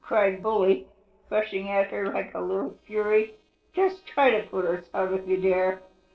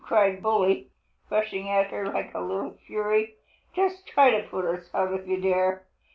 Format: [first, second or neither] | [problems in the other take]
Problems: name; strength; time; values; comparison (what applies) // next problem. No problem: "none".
second | noise reduction (neural separator model SepFormer DNS4)